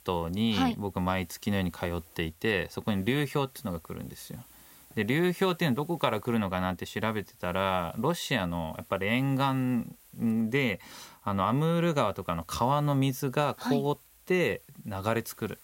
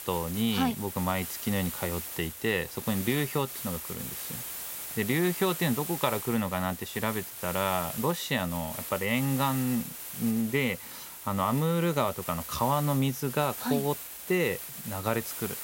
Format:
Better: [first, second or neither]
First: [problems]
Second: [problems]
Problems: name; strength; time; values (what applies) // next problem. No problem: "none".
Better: first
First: hiss; faint; throughout; 25 dB below the speech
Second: hiss; loud; throughout; 7 dB below the speech